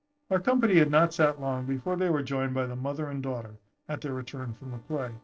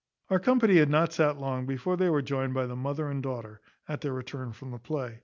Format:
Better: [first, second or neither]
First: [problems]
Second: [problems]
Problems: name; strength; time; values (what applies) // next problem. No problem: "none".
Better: second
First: noise reduction (neural separator model SepFormer DNS4)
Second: none